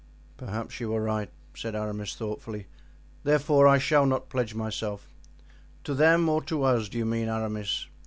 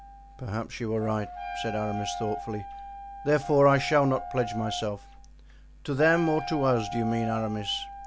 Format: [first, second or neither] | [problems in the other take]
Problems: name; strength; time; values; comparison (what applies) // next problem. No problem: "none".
first | background sound (Wind instrument, woodwind instrument + Wind instrument, woodwind instrument); 10 dB below the speech